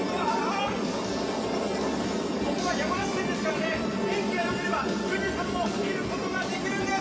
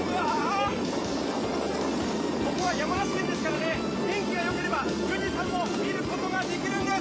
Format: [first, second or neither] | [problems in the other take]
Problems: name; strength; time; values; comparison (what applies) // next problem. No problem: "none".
second | room echo; dies away in 2.3 s